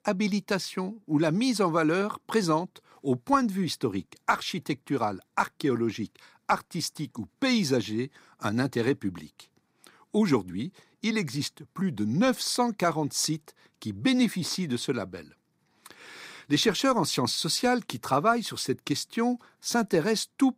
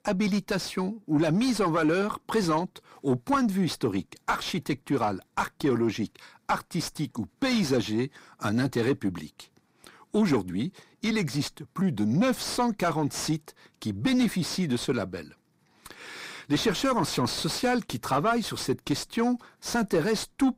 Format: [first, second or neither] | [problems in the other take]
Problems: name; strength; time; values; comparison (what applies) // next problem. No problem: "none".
first | distortion; slight; 9 dB below the speech